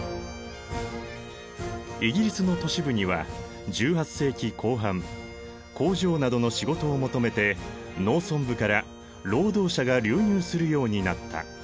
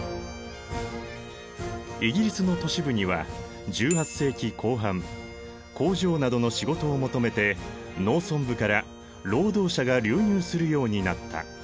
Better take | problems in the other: first | background sound (Bicycle bell); 16 dB below the speech

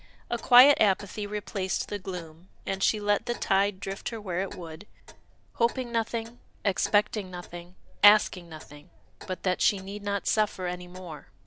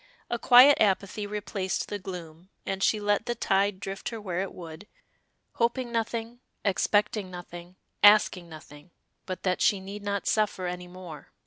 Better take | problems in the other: second | background sound (Clock); 18 dB below the speech

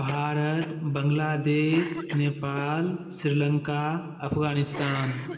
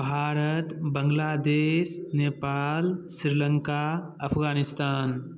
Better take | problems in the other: second | background sound (Cough); 16 dB below the speech // room echo; dies away in 1.6 s

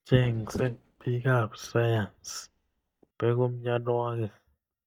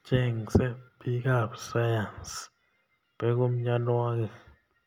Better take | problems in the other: second | noise reduction (neural mask model DeepFilterNet 3)

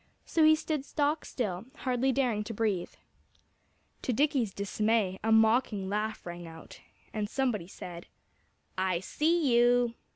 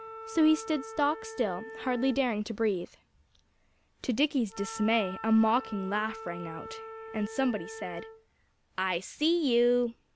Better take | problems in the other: first | background sound (Wind instrument, woodwind instrument); 15 dB below the speech

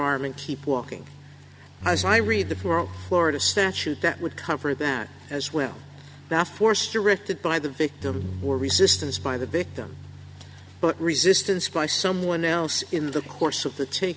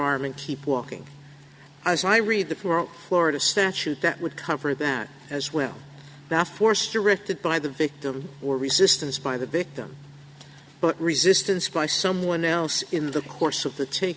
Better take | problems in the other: second | background sound (Bass guitar); 14 dB below the speech

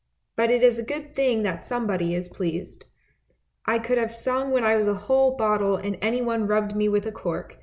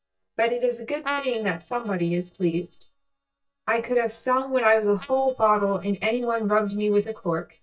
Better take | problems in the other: first | noise reduction (neural mask model DeepFilterNet 3)

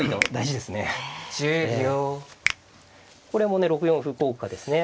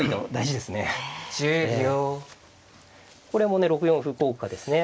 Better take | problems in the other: second | background sound (Finger snapping); 10 dB below the speech

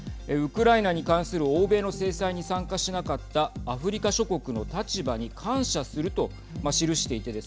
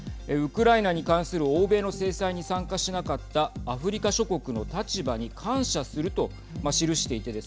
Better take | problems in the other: second | background sound (Snare drum + Bass guitar); 18 dB below the speech

